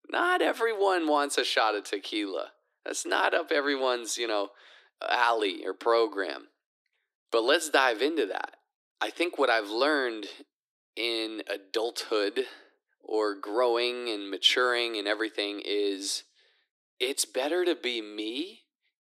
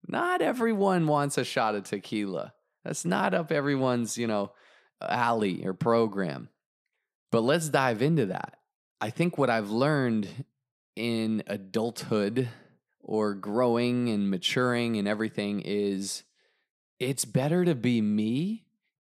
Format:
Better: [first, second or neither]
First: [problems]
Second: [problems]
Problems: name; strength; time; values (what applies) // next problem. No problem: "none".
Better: second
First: thin; very; fading below 300 Hz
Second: none